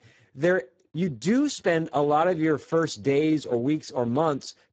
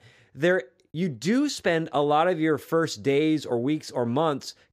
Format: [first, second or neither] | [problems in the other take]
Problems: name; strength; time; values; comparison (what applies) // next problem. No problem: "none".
second | garbled, watery; badly; nothing above 7.5 kHz